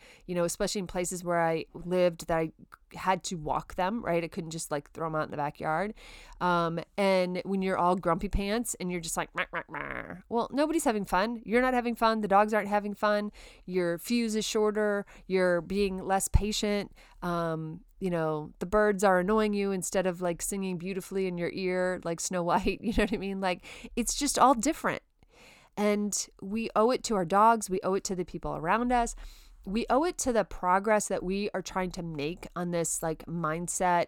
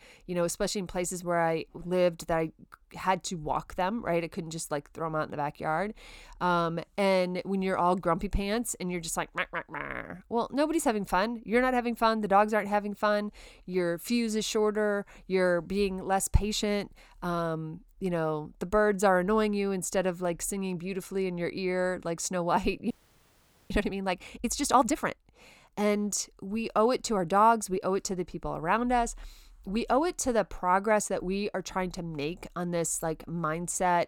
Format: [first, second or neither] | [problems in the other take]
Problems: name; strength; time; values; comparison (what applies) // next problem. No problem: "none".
first | audio freezing; at 23 s for 1 s